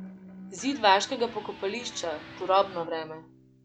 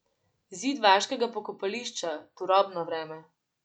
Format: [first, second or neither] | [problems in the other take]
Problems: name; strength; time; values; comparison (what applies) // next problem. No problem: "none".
second | background sound (Electric guitar + Bowed string instrument); 17 dB below the speech